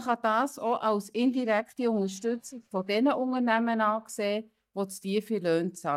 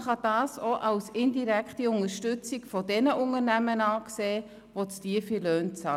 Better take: second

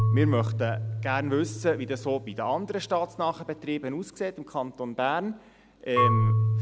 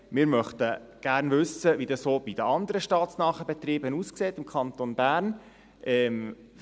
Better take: second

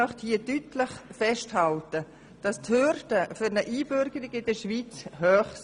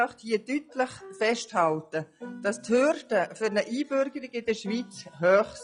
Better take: first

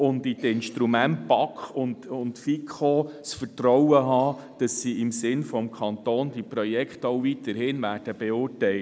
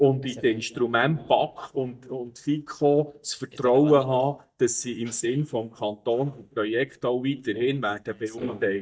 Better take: first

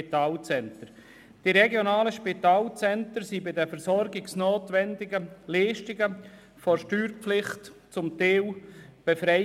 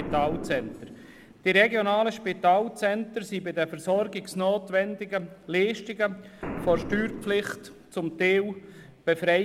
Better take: first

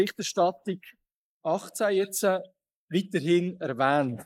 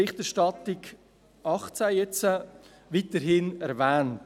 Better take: second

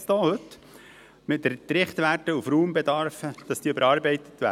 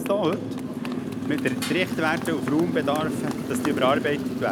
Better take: first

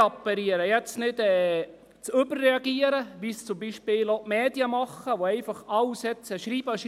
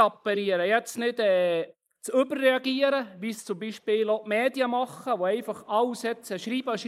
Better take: first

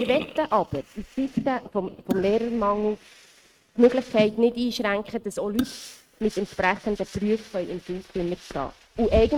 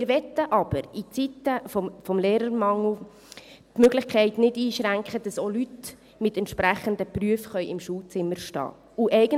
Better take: second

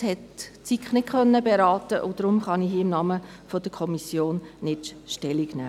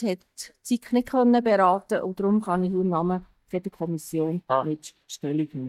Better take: first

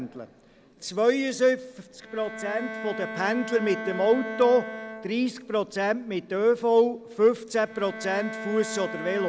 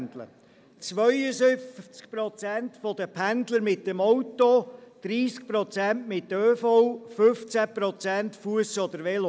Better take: second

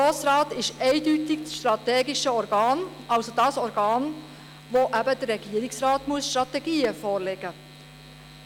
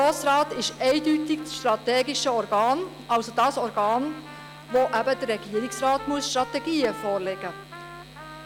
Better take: first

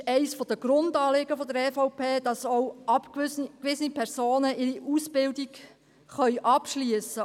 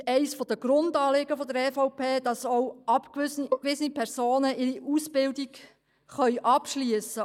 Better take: first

